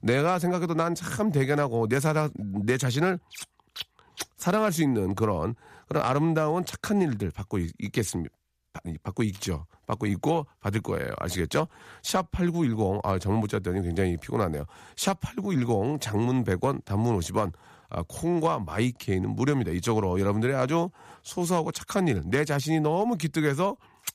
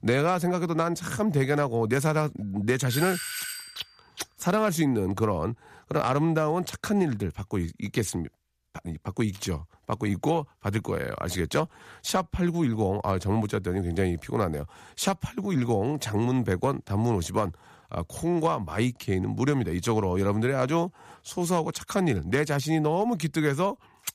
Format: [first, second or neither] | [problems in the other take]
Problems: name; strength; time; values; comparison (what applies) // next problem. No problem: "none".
first | doorbell; noticeable; at 3 s; peak 4 dB below the speech